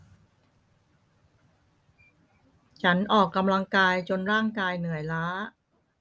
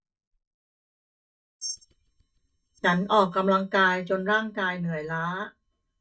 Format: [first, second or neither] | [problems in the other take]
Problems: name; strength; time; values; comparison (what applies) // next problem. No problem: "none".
first | noise reduction (neural mask model DeepFilterNet 3)